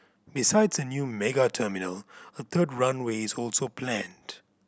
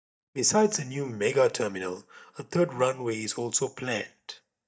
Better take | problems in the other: first | noise reduction (neural mask model DeepFilterNet 3)

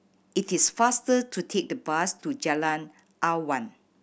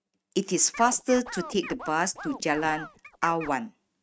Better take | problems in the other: first | noise reduction (neural mask model RNNoise)

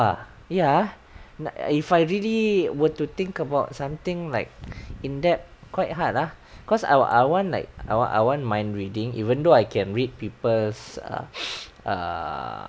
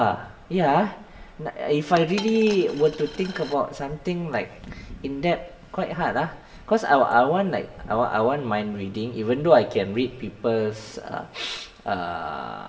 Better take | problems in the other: first | background sound (Coin (dropping)); 18 dB below the speech // room echo; dies away in 2 s

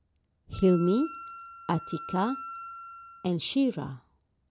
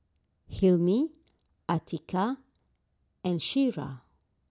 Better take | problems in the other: second | background sound (Wind instrument, woodwind instrument); 13 dB below the speech

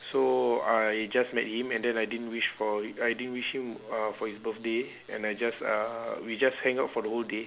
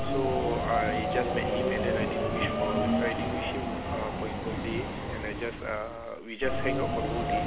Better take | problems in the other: first | background sound (Subway, metro, underground); 4 dB above the speech

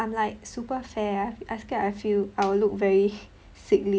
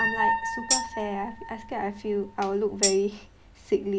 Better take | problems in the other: first | background sound (Piano + Tambourine); 1 dB below the speech

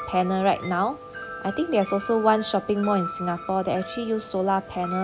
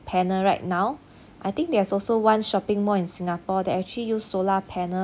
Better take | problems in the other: second | background sound (Wind chime); 12 dB below the speech

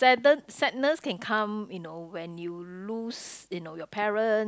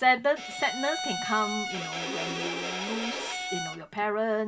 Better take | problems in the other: first | background sound (Bowed string instrument); 4 dB below the speech // room echo; dies away in 0.2 s

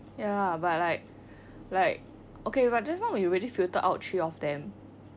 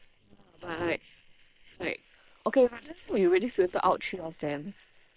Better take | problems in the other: first | noise reduction (neural separator model SepFormer WHAM!)

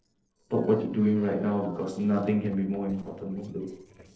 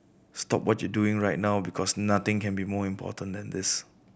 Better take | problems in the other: second | noise reduction (neural separator model SepFormer DNS4)

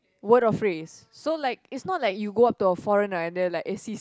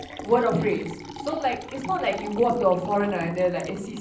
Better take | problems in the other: first | background sound (Liquid); 13 dB below the speech // room echo; dies away in 0.6 s

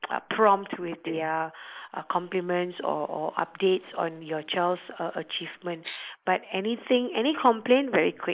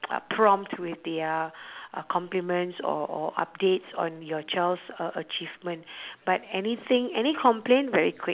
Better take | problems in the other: second | noise reduction (neural mask model Resemble Enhance denoiser)

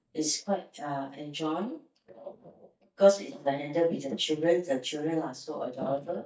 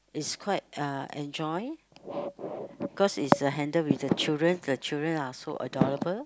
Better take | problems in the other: second | noise reduction (neural mask model DeepFilterNet 3)

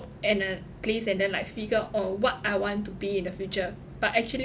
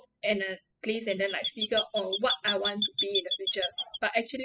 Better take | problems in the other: first | noise reduction (classical method spectral subtraction)

